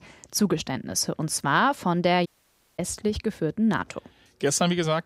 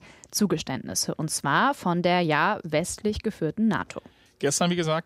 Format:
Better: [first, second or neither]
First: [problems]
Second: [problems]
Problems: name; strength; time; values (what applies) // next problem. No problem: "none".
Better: second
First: audio cutting out; at 2.5 s for 0.5 s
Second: none